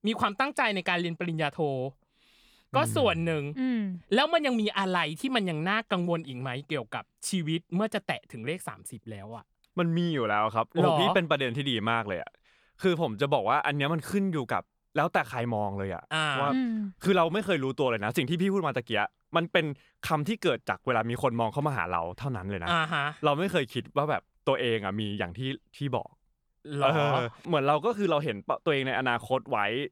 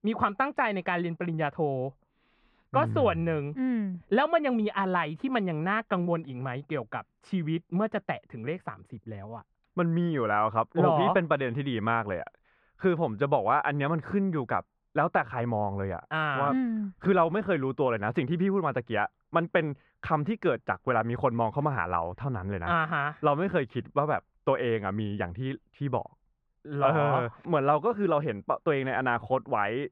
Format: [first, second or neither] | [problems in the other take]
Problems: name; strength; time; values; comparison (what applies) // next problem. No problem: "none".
first | muffled; very; fading above 1.5 kHz